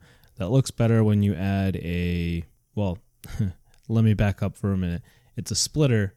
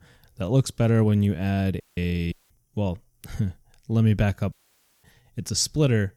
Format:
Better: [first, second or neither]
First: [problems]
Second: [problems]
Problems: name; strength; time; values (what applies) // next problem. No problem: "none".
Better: first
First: none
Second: audio cutting out; at 2 s, at 2.5 s and at 4.5 s for 0.5 s